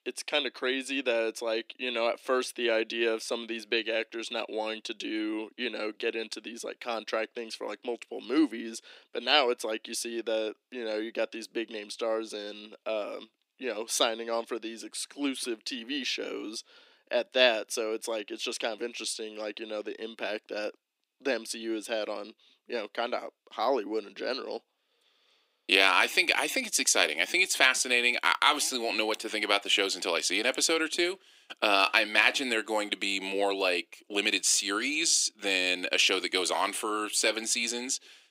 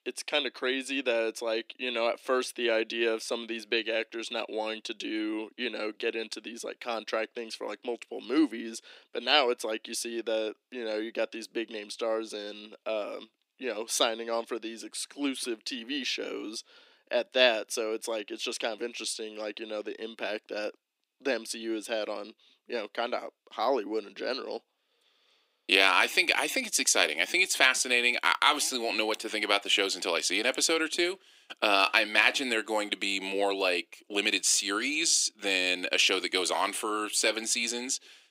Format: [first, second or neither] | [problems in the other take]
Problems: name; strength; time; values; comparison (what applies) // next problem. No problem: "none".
neither | thin; somewhat; fading below 250 Hz; the same in both